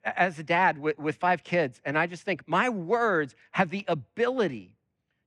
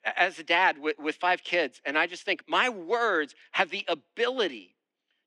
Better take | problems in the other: first | thin; somewhat; fading below 300 Hz

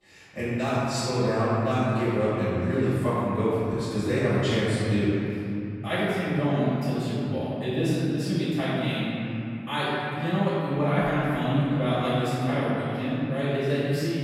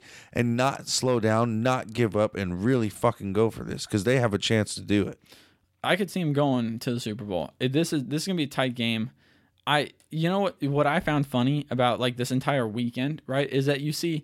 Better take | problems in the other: second | off-mic speech; far // room echo; strong; dies away in 3 s

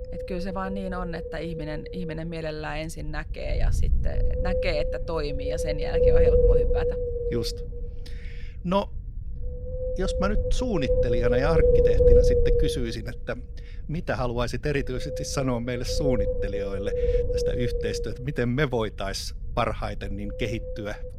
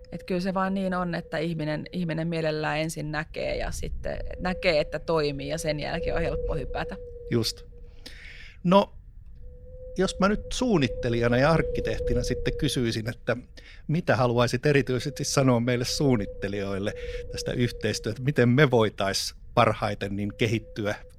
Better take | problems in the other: second | wind noise on the microphone; heavy; 5 dB above the speech; occasional gusts in the second

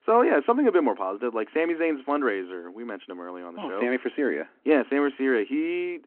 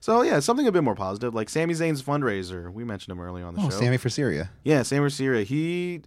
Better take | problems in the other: second | phone-call audio

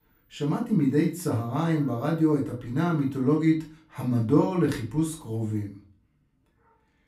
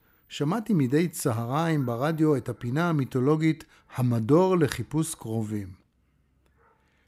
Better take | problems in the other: second | off-mic speech; far // room echo; slight; dies away in 0.3 s

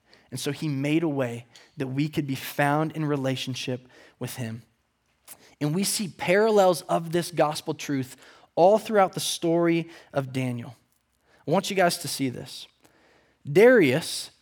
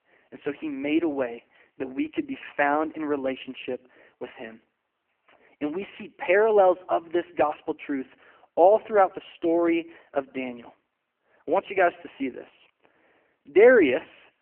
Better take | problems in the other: first | phone-call audio; poor line; nothing above 3 kHz

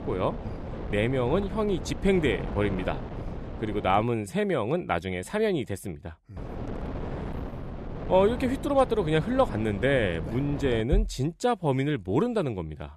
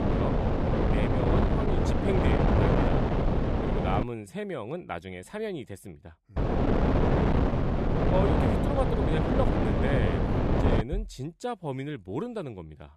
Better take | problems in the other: first | wind noise on the microphone; heavy; until 4 s and from 6.5 to 11 s; 5 dB above the speech; occasional gusts in the first

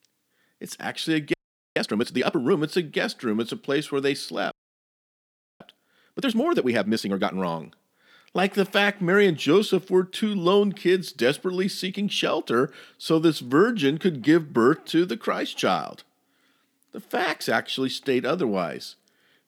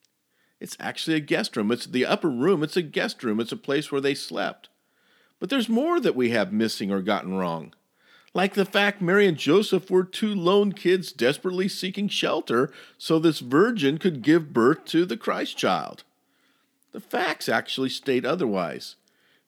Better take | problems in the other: second | audio freezing; at 1.5 s and at 4.5 s for 1 s

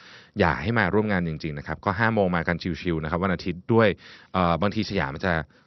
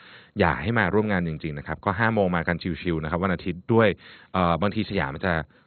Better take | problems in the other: first | garbled, watery; badly; nothing above 4 kHz; slightly in the first

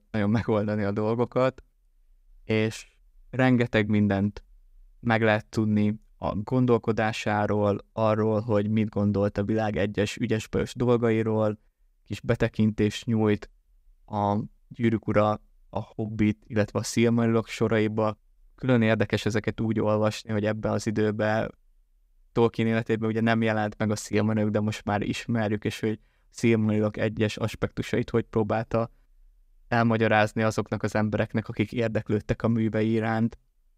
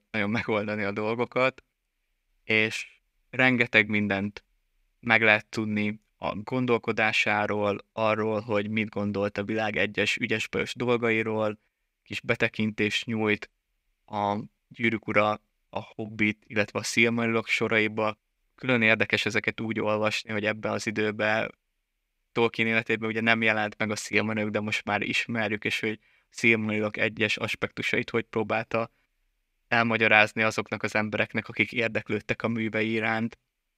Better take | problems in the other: first | thin; very slightly; fading below 400 Hz

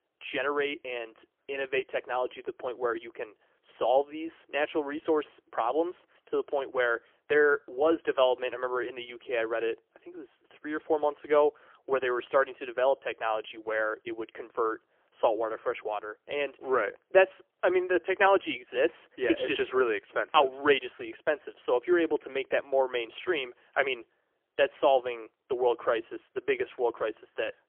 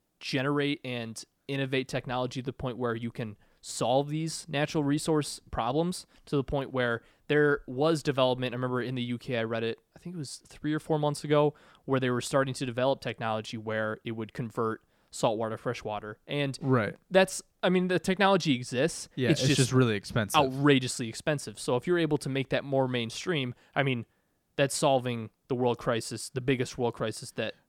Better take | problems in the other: second | phone-call audio; poor line; nothing above 3.5 kHz

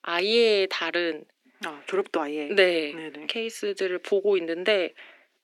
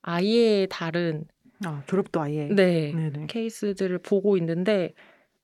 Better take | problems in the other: second | thin; somewhat; fading below 250 Hz

